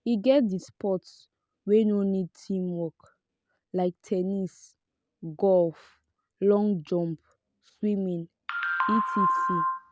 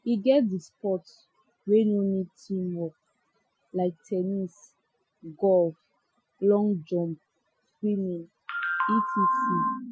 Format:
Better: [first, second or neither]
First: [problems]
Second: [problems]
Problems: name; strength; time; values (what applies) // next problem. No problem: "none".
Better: first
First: none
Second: noise reduction (classical method Wiener filter)